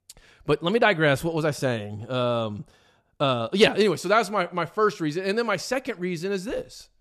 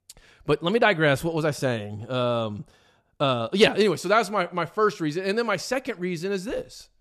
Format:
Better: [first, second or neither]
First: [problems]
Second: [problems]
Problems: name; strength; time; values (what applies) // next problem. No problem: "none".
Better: neither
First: none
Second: none